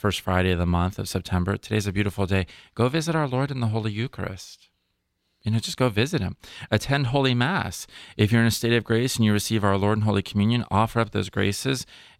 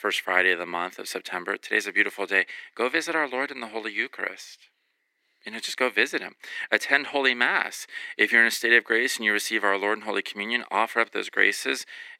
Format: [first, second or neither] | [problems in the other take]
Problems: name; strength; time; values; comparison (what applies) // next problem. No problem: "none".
first | thin; very; fading below 300 Hz